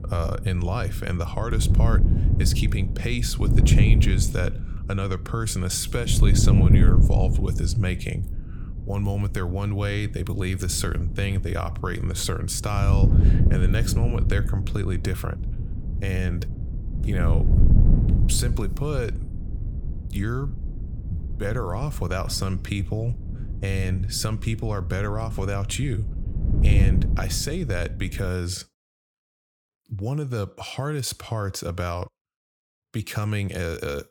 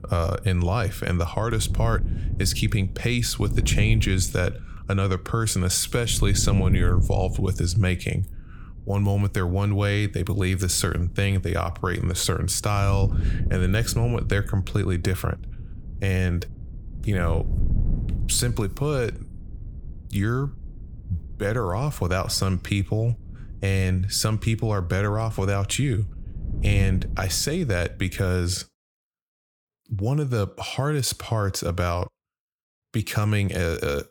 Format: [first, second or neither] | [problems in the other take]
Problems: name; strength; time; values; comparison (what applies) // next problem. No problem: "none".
second | wind noise on the microphone; heavy; until 28 s; 7 dB below the speech; occasional gusts in the second